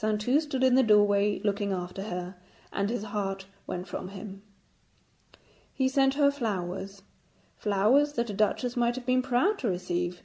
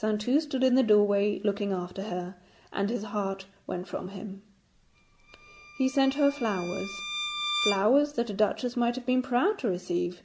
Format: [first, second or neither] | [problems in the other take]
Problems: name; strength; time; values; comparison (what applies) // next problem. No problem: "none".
first | background sound (Bowed string instrument); 8 dB below the speech